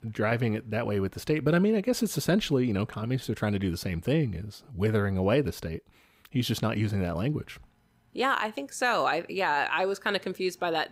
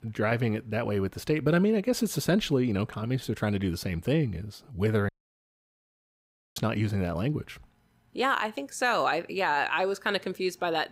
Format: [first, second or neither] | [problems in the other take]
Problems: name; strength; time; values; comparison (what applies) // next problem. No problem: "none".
first | audio cutting out; at 5 s for 1.5 s